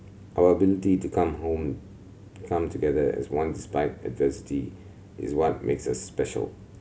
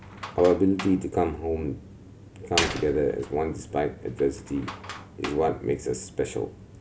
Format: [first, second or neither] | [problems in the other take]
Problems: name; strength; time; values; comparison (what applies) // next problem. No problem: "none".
first | background sound (Slam); 11 dB below the speech